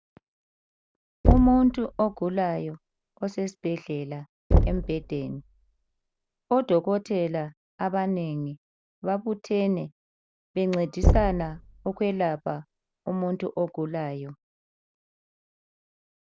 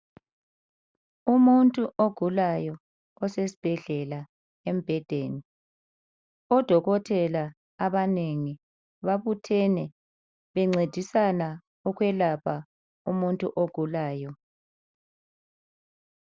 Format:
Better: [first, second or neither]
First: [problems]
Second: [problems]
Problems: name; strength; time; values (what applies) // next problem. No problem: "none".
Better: second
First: background sound (Knock / Wood); 1 dB above the speech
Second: none